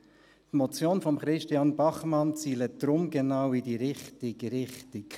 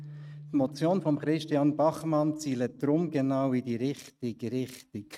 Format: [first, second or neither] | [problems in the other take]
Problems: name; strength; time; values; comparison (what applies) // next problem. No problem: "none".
first | noise reduction (neural mask model RNNoise)